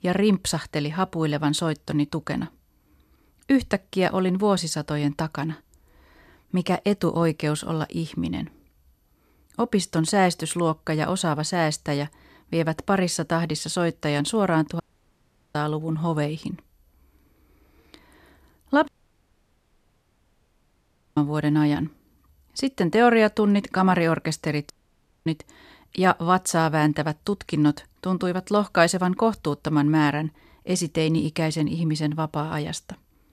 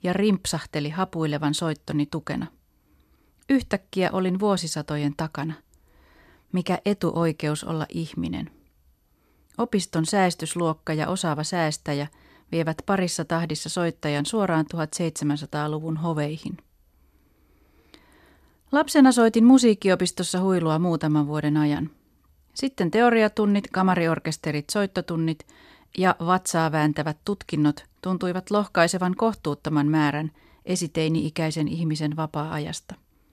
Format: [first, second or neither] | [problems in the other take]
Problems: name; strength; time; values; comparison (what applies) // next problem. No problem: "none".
second | audio cutting out; at 15 s for 1 s, at 19 s for 2.5 s and at 25 s for 0.5 s